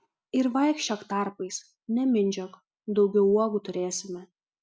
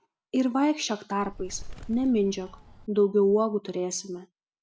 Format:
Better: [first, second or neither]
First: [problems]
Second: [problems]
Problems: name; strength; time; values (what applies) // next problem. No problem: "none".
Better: first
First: none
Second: background sound (Bird); 14 dB below the speech